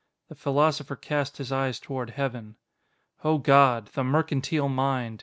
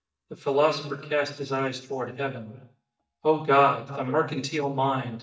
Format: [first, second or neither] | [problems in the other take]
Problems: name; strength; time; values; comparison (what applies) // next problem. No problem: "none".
first | noise reduction (neural mask model DeepFilterNet 3)